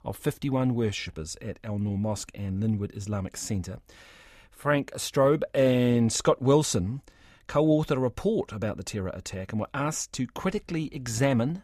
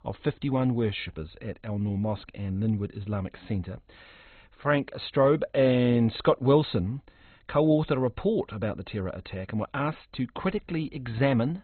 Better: first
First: none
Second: garbled, watery; badly; nothing above 4 kHz

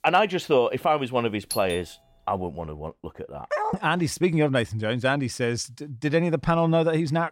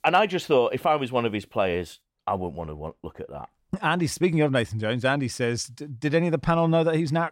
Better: second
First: doorbell; noticeable; at 1.5 s; peak 8 dB below the speech // dog barking; noticeable; at 3.5 s; peak 4 dB below the speech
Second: none

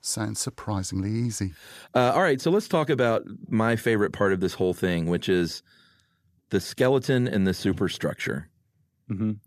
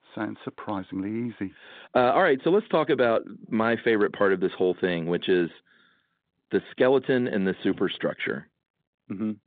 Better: first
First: none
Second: phone-call audio; nothing above 3.5 kHz

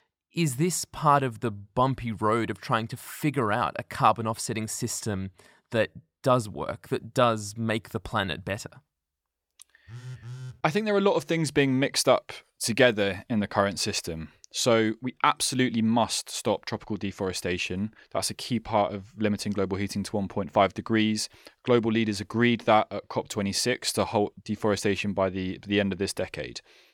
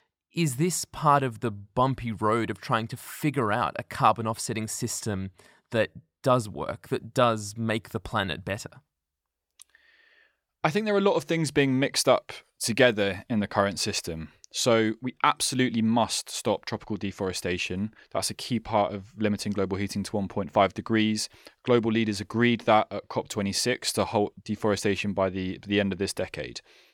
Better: second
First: phone ringing; faint; at 10 s; peak 15 dB below the speech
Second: none

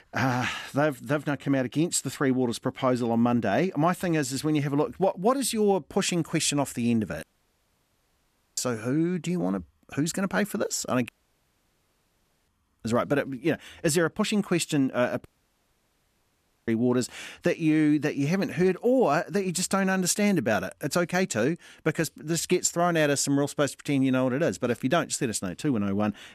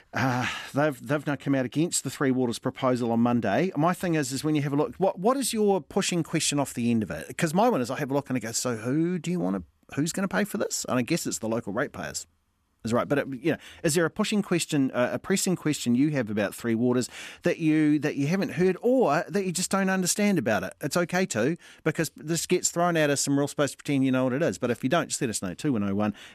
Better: second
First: audio cutting out; at 7 s for 1.5 s, at 11 s for 1.5 s and at 15 s for 1.5 s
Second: none

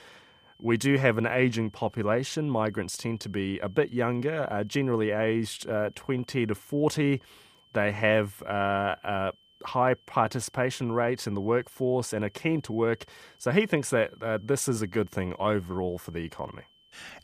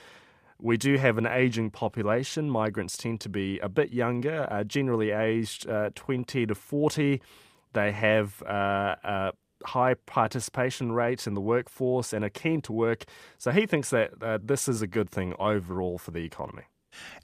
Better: second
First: high-pitched whine; faint; throughout; 3 kHz, 30 dB below the speech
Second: none

